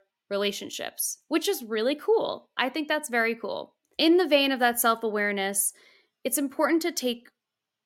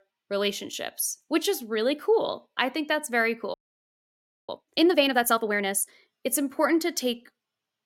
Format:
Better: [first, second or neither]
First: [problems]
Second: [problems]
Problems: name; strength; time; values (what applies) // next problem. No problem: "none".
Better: first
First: none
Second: audio freezing; at 3.5 s for 1 s